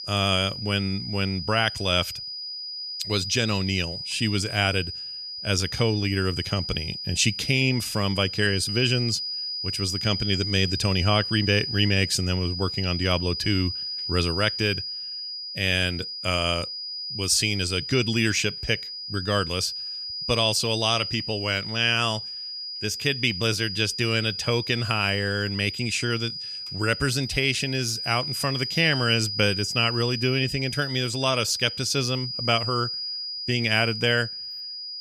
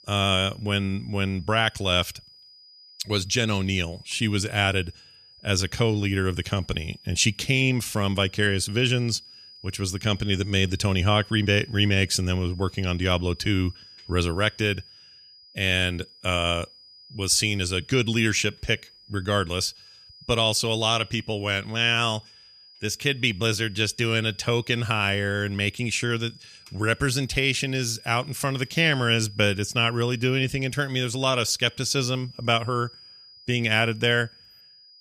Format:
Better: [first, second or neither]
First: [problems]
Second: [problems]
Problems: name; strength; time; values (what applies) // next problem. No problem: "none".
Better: second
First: high-pitched whine; loud; throughout; 5 kHz, 6 dB below the speech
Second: high-pitched whine; faint; throughout; 5 kHz, 25 dB below the speech